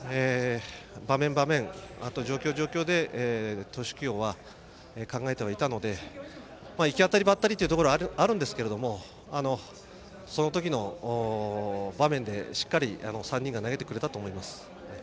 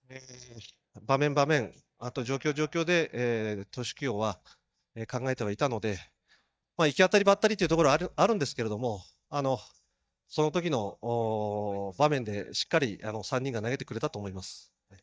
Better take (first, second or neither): first